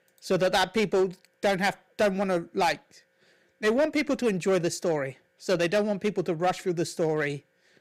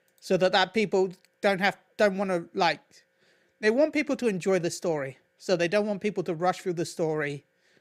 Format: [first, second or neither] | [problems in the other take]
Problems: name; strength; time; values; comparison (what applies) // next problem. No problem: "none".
second | distortion; slight; 6% of the sound clipped